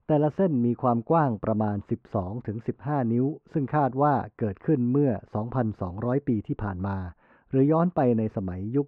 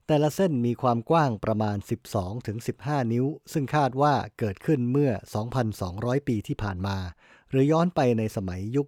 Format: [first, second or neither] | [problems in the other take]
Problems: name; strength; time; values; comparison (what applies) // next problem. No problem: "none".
second | muffled; very; fading above 1 kHz